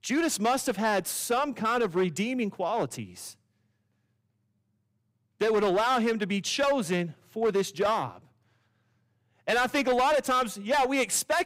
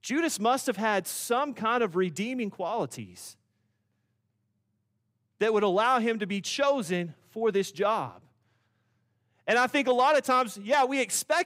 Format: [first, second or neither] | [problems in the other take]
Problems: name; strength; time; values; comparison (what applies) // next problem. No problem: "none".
second | distortion; slight; 8% of the sound clipped